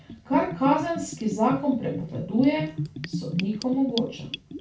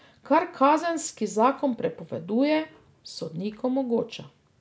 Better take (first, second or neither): second